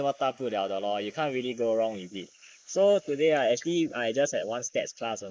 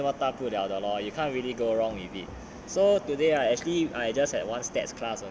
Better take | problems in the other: second | noise reduction (neural mask model Resemble Enhance denoiser)

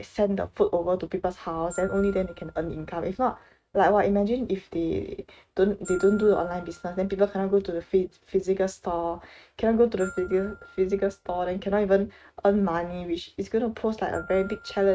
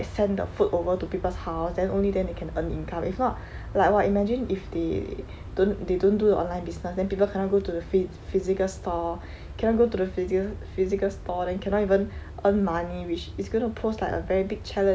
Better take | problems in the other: second | noise reduction (neural mask model RNNoise)

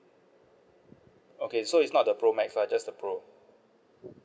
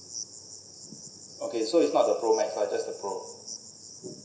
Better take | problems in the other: first | background sound (Cricket); 14 dB below the speech // room echo; dies away in 0.7 s

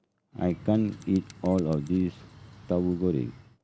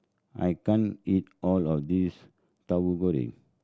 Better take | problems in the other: second | background sound (Bird); 19 dB below the speech

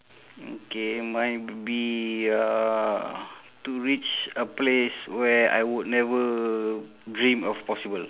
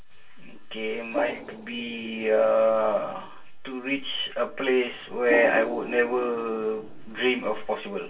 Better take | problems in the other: first | noise reduction (neural separator model SepFormer DNS4)

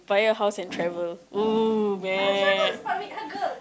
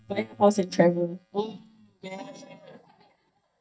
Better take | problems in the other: first | noise reduction (neural mask model DeepFilterNet 3)

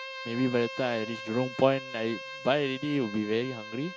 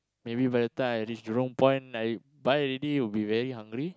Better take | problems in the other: second | background sound (Bowed string instrument); 11 dB below the speech

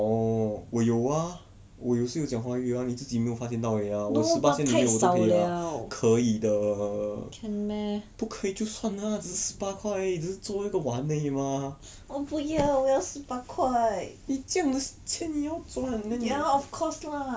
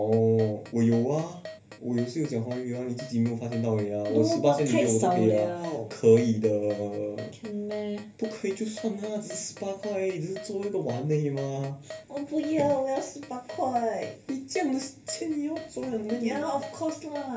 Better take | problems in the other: first | background sound (Keyboard (musical)); 17 dB below the speech // room echo; dies away in 0.3 s

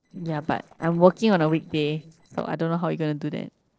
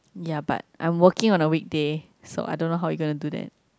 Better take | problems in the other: second | noise reduction (neural separator model SepFormer DNS4)

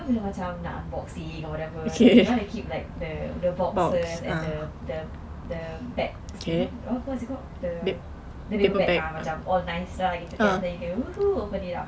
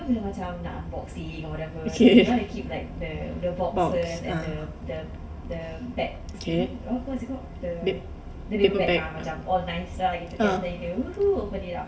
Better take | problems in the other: first | room echo; dies away in 2.5 s

